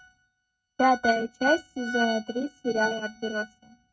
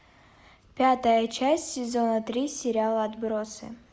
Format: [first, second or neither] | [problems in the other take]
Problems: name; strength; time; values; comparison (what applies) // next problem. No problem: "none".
second | noise reduction (neural mask model RNNoise)